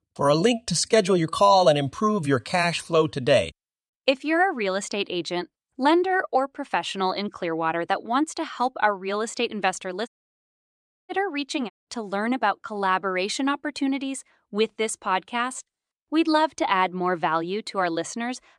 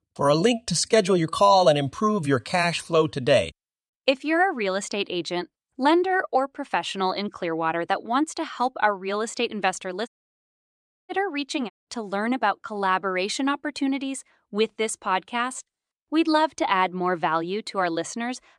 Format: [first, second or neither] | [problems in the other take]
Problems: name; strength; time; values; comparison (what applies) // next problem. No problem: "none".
neither | audio cutting out; at 10 s for 1 s and at 12 s; the same in both